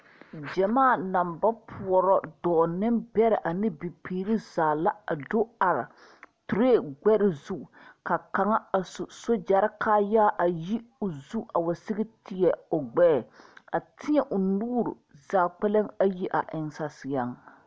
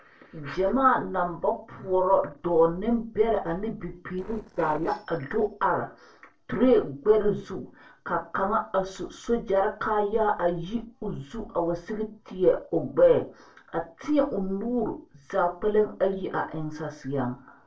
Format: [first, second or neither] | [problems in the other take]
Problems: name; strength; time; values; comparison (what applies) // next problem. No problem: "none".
first | noise reduction (neural separator model SepFormer DNS4)